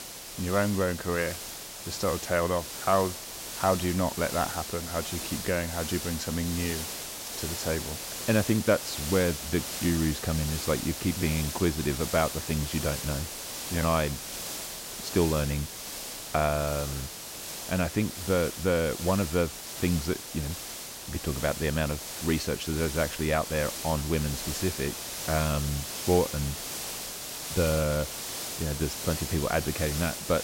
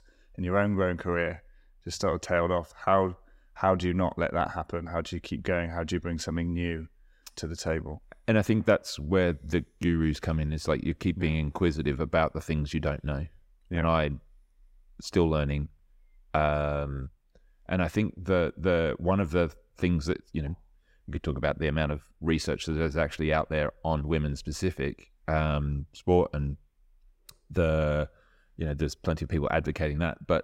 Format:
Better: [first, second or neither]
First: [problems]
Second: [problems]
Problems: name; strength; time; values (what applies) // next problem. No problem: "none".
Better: second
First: hiss; loud; throughout; 5 dB below the speech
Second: none